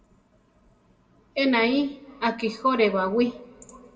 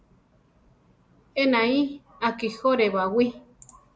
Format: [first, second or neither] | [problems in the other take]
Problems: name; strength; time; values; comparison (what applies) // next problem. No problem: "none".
second | room echo; dies away in 1.4 s